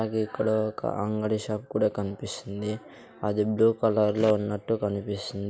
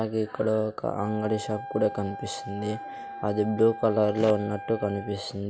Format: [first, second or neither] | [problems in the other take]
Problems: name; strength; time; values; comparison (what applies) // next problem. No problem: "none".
first | background sound (Wind instrument, woodwind instrument); 13 dB below the speech